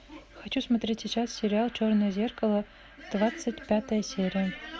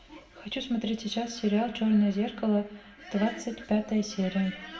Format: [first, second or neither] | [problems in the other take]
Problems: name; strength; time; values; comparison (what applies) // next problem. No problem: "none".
first | room echo; dies away in 0.5 s